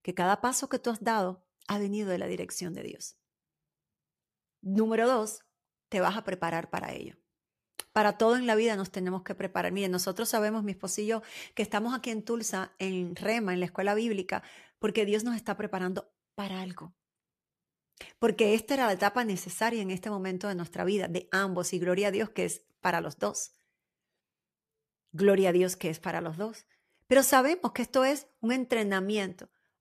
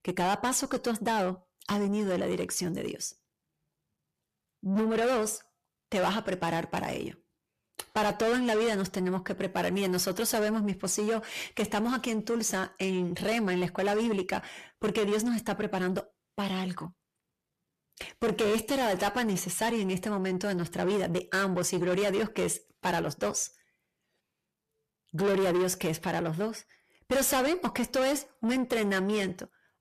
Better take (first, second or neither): first